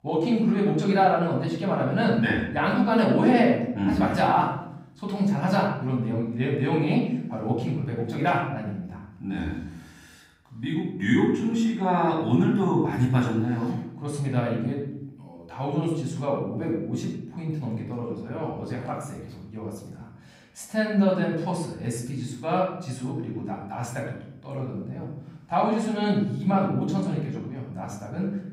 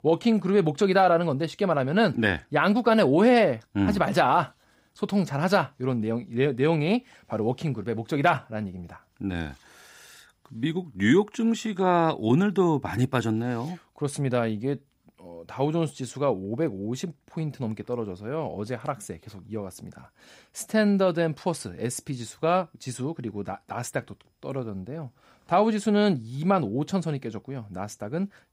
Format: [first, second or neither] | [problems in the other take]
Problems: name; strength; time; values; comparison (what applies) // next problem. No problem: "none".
second | off-mic speech; far // room echo; noticeable; dies away in 0.8 s